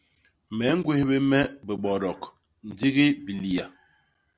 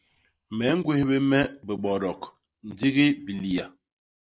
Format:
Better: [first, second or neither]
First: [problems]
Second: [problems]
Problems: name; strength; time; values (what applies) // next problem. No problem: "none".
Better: first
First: none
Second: noise reduction (neural mask model Resemble Enhance denoiser)